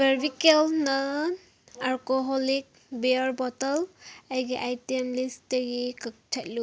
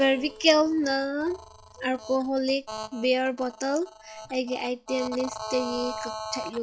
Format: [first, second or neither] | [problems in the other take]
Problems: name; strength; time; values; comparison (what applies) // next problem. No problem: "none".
first | noise reduction (classical method log-MMSE)